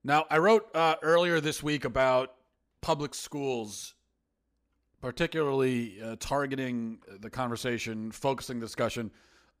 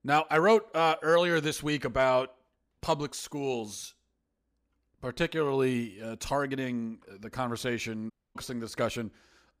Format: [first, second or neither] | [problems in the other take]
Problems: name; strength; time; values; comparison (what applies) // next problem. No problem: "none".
first | audio cutting out; at 8 s